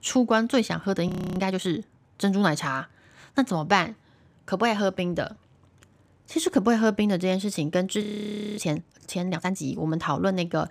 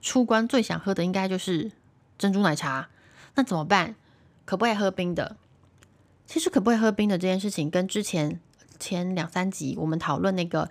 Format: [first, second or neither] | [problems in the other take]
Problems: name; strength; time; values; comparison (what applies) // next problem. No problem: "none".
second | audio freezing; at 1 s and at 8 s for 0.5 s